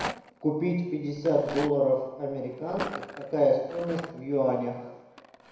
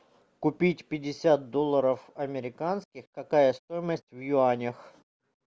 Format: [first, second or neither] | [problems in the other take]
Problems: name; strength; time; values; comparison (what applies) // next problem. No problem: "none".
second | background sound (Rattle); 13 dB below the speech // room echo; dies away in 1 s